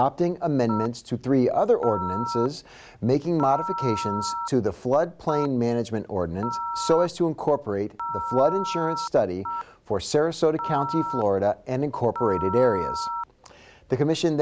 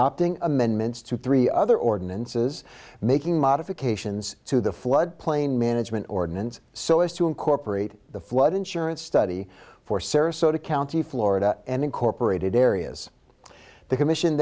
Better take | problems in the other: second | background sound (Telephone); 8 dB below the speech

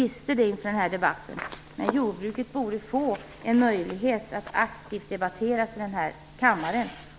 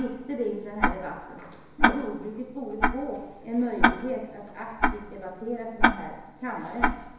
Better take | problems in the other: first | background sound (Tick-tock); 5 dB above the speech // room echo; dies away in 1 s

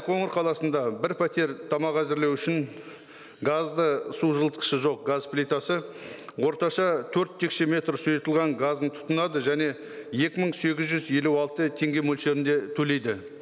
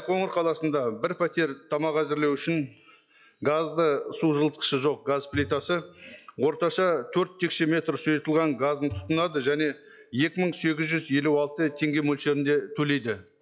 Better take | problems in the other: first | noise reduction (classical method log-MMSE)

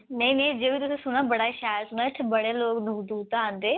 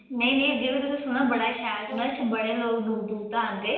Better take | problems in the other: first | background sound (Brass instrument); 17 dB below the speech // room echo; dies away in 0.9 s

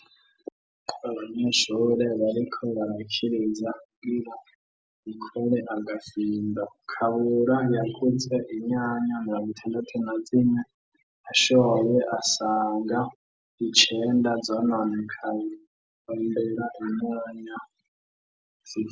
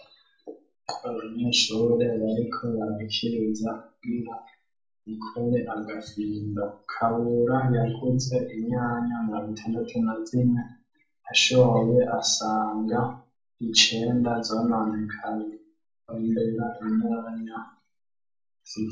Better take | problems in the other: first | room echo; dies away in 0.3 s

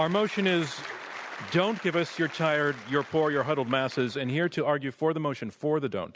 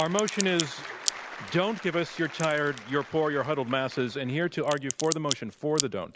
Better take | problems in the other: first | background sound (Crack); 9 dB below the speech

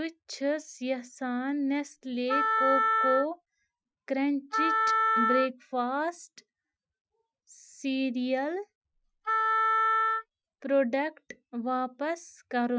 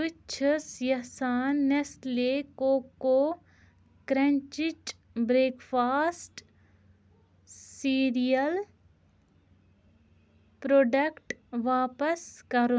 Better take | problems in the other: second | noise reduction (classical method Wiener filter)

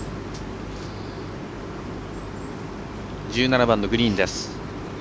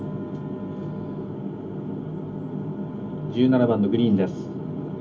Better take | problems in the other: first | background sound (Wind instrument, woodwind instrument); 20 dB below the speech // room echo; dies away in 0.3 s

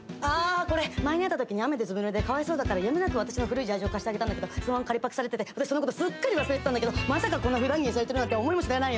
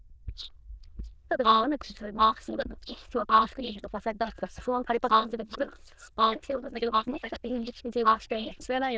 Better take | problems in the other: first | noise reduction (neural diffusion model UNIVERSE++)

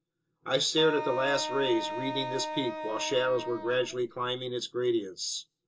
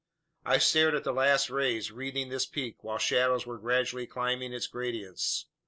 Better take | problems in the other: second | background sound (Wind instrument, woodwind instrument); 7 dB below the speech // room echo; dies away in 0.2 s

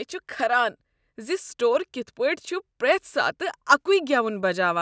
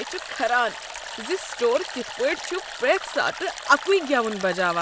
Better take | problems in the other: first | background sound (Stream); 11 dB below the speech

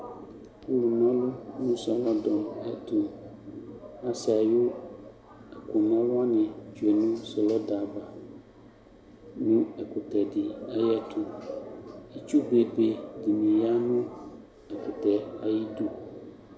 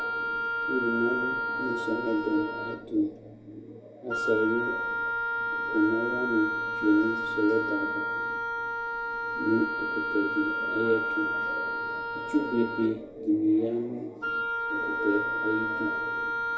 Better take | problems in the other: first | background sound (Wind instrument, woodwind instrument); 1 dB below the speech // room echo; dies away in 0.3 s

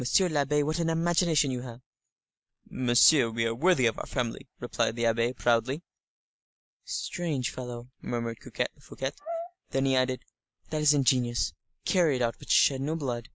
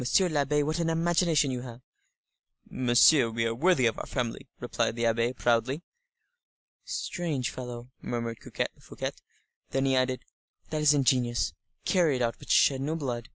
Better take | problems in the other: second | noise reduction (neural mask model Resemble Enhance denoiser)

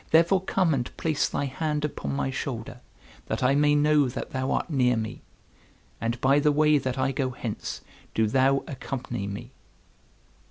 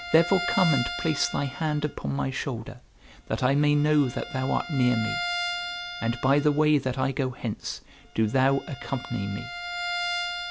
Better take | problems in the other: first | background sound (Bowed string instrument); 9 dB below the speech

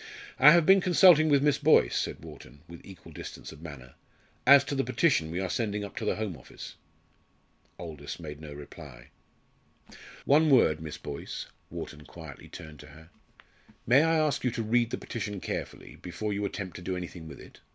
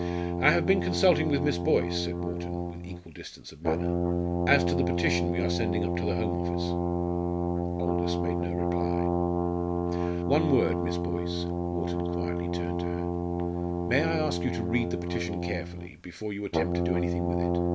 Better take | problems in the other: first | background sound (Brass instrument); 4 dB above the speech

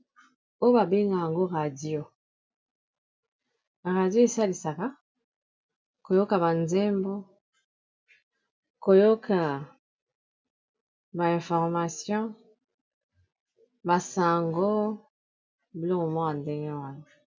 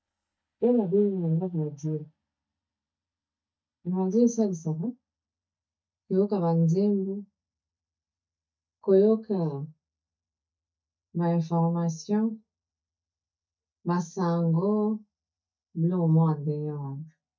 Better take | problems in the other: first | noise reduction (neural mask model DeepFilterNet 3)

